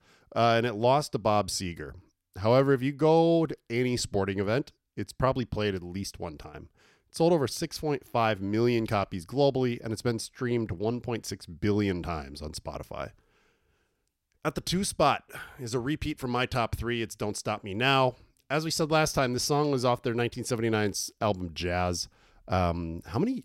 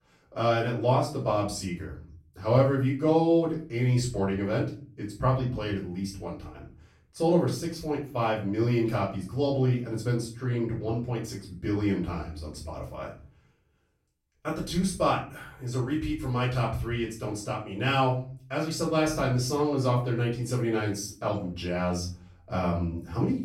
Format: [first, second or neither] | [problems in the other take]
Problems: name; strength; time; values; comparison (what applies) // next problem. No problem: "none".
first | room echo; slight; dies away in 0.5 s // off-mic speech; far